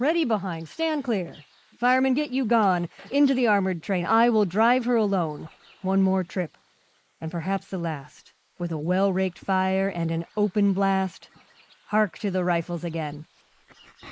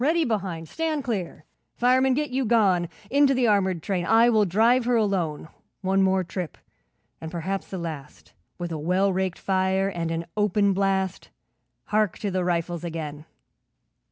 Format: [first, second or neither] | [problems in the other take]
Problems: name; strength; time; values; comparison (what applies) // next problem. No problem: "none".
second | noise reduction (neural mask model Resemble Enhance denoiser)